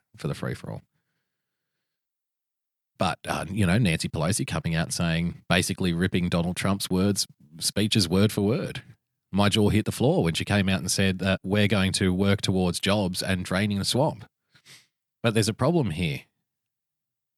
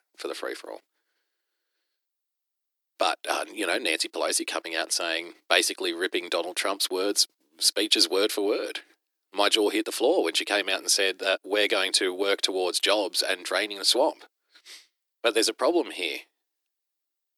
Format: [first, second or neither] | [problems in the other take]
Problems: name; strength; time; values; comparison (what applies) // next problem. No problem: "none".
first | thin; very; fading below 300 Hz